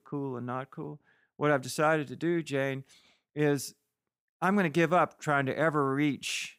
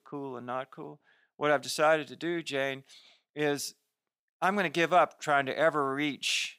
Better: first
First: none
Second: thin; somewhat; fading below 400 Hz

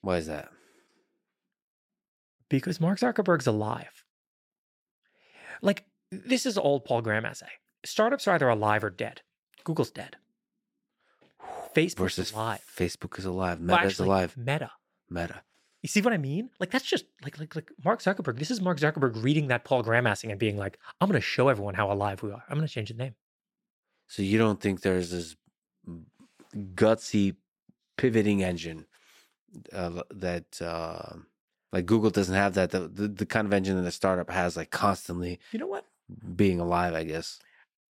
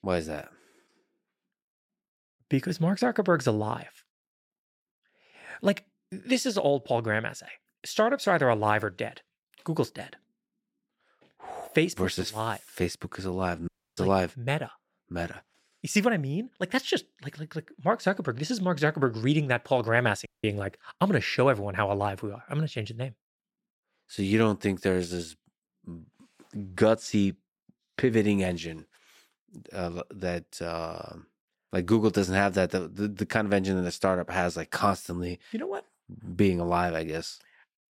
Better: first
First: none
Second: audio cutting out; at 14 s and at 20 s

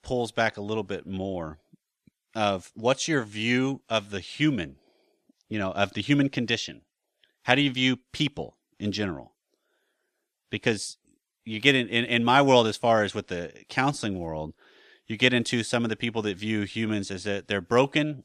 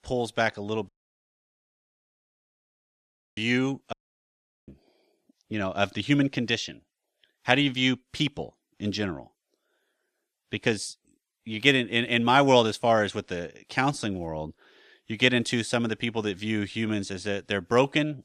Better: first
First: none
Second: audio cutting out; at 1 s for 2.5 s and at 4 s for 0.5 s

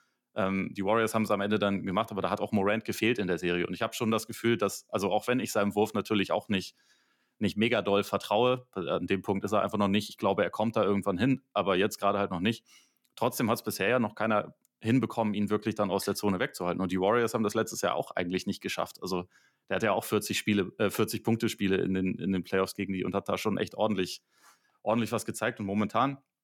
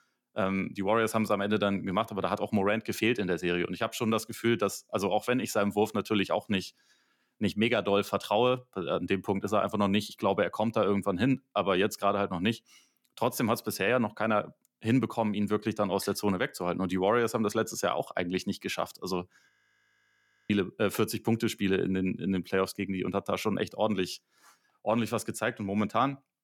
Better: first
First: none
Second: audio freezing; at 19 s for 1 s

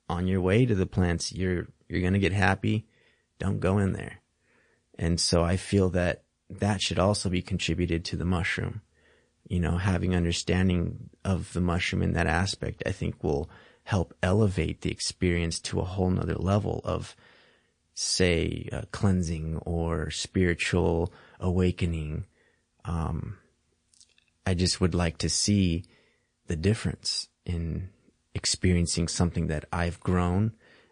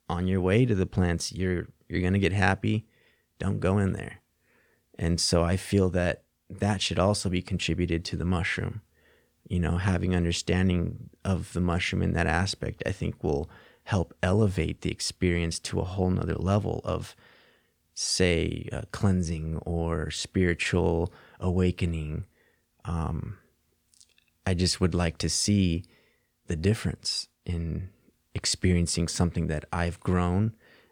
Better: second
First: garbled, watery; slightly; nothing above 8.5 kHz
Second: none

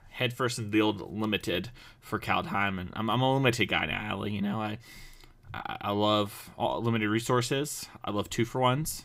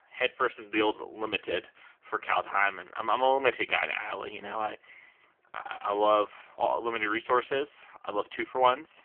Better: first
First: none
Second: phone-call audio; poor line; nothing above 3 kHz

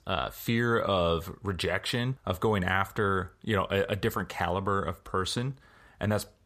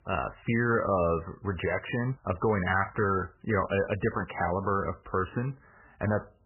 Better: first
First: none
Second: garbled, watery; badly; nothing above 2.5 kHz

